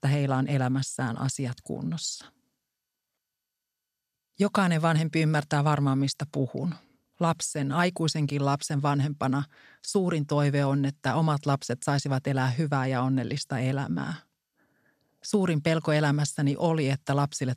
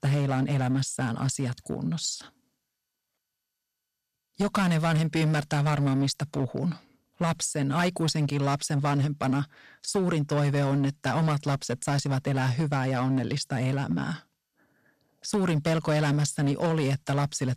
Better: first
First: none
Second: distortion; slight; 9% of the sound clipped

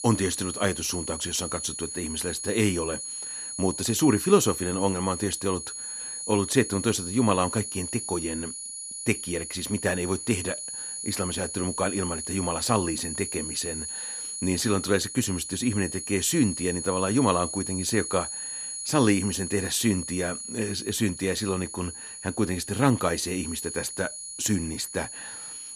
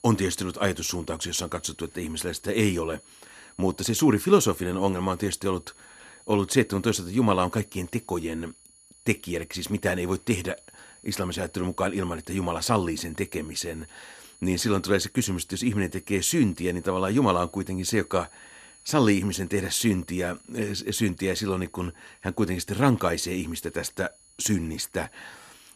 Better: second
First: high-pitched whine; loud; throughout; 10 kHz, 6 dB below the speech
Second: high-pitched whine; faint; throughout; 10 kHz, 25 dB below the speech

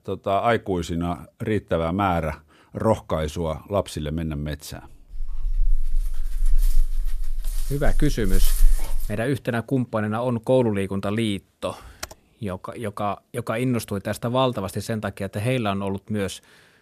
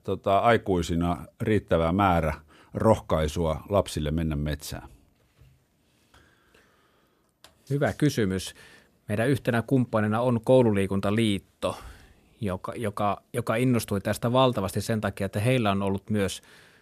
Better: second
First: dog barking; loud; from 5 to 9 s; peak 2 dB above the speech // keyboard typing; faint; at 12 s; peak 10 dB below the speech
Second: none

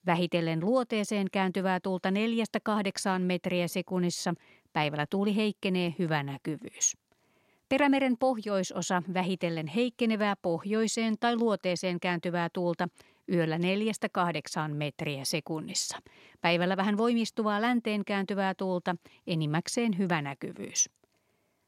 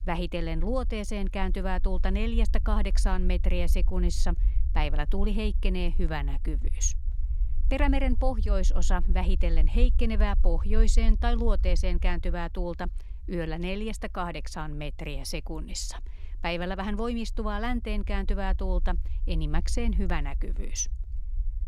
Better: first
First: none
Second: low rumble; faint; throughout; 20 dB below the speech

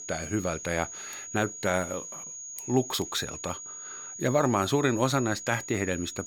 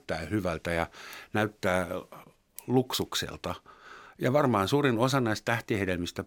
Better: second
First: high-pitched whine; loud; throughout; 6.5 kHz, 9 dB below the speech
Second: none

